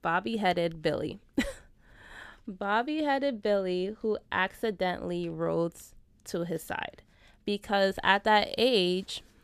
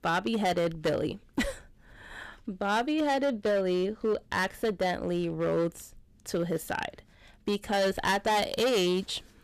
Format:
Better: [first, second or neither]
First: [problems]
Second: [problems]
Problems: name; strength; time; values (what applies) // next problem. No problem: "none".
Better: first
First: none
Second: distortion; heavy; 9% of the sound clipped